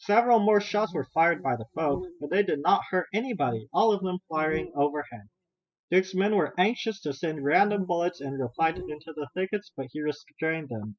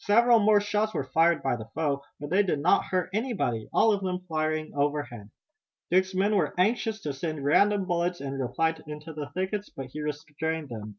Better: second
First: noise reduction (classical method spectral subtraction)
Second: none

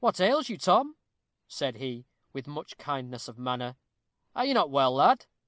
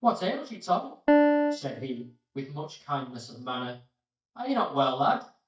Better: first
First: none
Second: noise reduction (neural mask model DeepFilterNet 3)

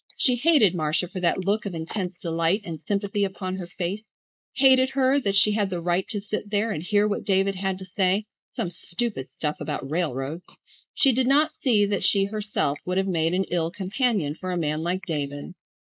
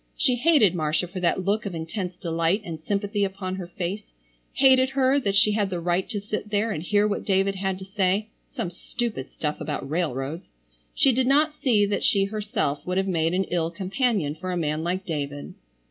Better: second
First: noise reduction (neural mask model Resemble Enhance denoiser)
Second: none

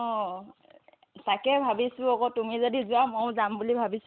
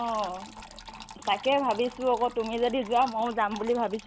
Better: first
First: none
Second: background sound (Trickle, dribble / Water tap, faucet); 17 dB below the speech

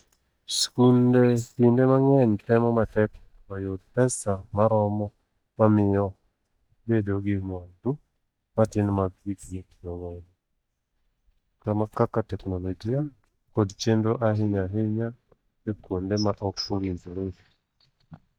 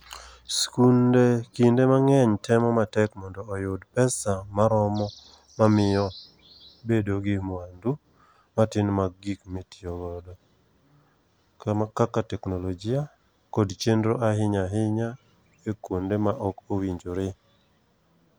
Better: second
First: noise reduction (neural mask model DeepFilterNet 3)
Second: none

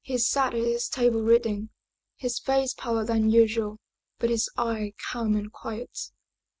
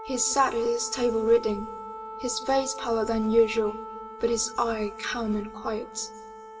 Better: first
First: none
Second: background sound (Wind instrument, woodwind instrument); 13 dB below the speech // room echo; dies away in 1.4 s

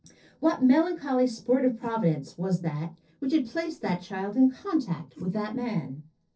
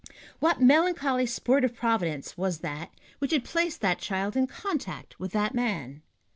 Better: second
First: noise reduction (neural separator model SepFormer DNS4)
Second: none

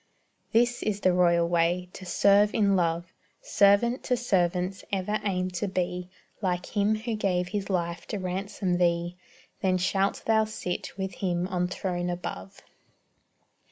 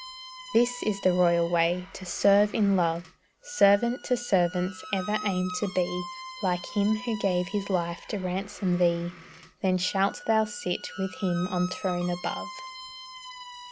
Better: first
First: none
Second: background sound (Squeak); 15 dB below the speech

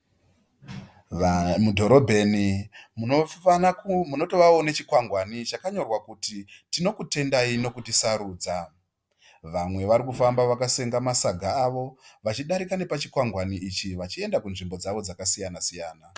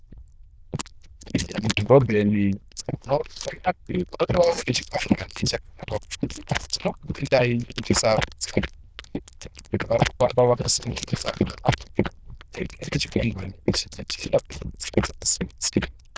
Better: first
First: none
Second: noise reduction (neural diffusion model UNIVERSE++)

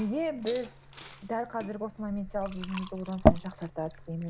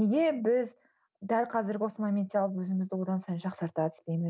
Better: second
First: background sound (Liquid); 2 dB above the speech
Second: none

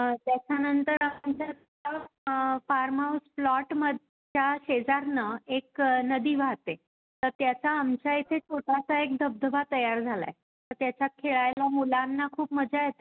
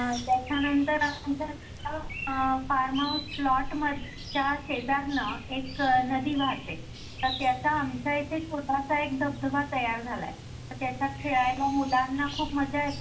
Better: first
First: none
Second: background sound (Chirp, tweet); 10 dB below the speech // room echo; dies away in 0.3 s

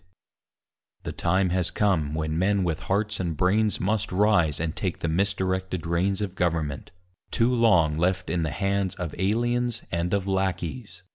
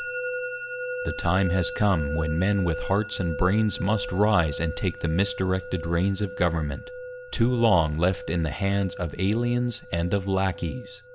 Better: first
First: none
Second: background sound (Musical instrument); 11 dB below the speech

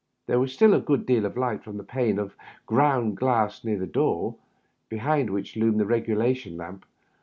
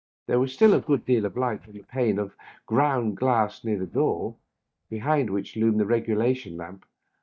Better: first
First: none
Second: noise reduction (neural mask model DeepFilterNet 3)

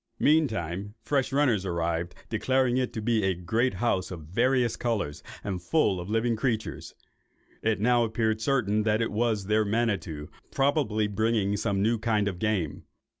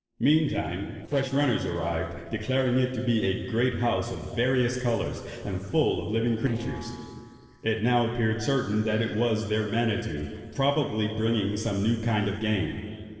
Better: first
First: none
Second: noise reduction (neural separator model SepFormer DNS4)

